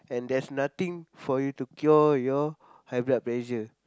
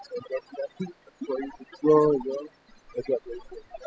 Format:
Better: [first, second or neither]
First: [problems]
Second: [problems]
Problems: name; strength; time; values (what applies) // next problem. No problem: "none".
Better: first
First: none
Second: noise reduction (classical method spectral subtraction)